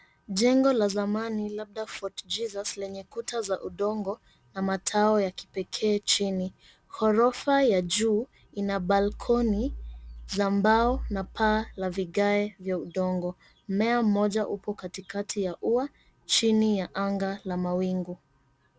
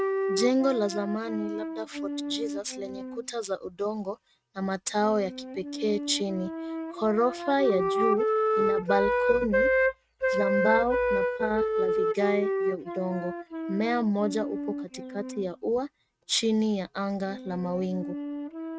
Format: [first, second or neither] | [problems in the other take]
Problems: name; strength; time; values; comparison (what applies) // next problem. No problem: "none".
first | noise reduction (neural mask model RNNoise)